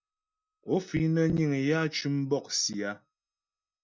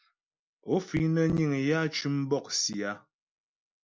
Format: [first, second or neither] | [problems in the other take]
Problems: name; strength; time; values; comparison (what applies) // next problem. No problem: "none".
second | noise reduction (neural mask model DeepFilterNet 3)